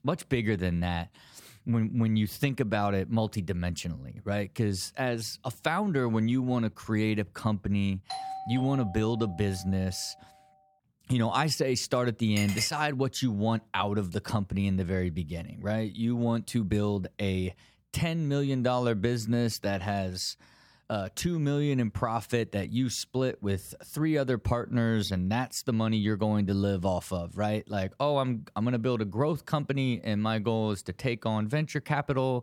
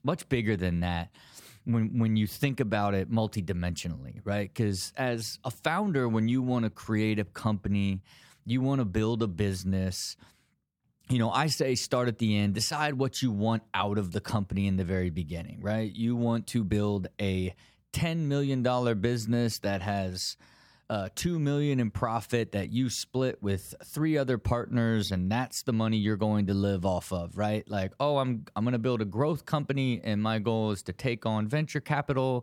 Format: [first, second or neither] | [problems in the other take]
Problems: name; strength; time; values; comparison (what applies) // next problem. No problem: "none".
second | doorbell; noticeable; from 8 to 10 s; peak 7 dB below the speech // clattering dishes; noticeable; at 12 s; peak 5 dB below the speech